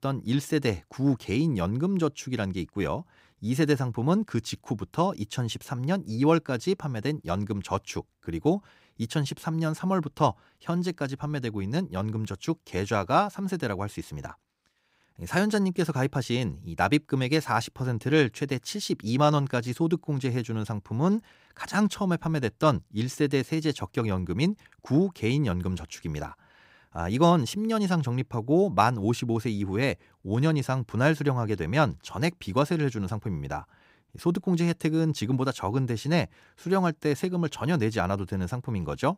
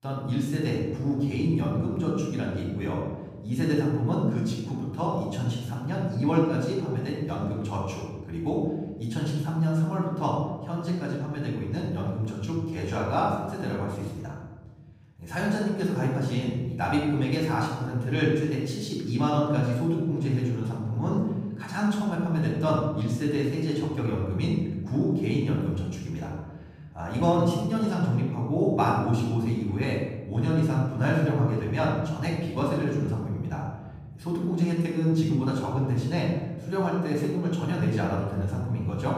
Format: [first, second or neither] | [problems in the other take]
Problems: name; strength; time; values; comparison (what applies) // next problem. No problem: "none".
first | off-mic speech; far // room echo; noticeable; dies away in 1.4 s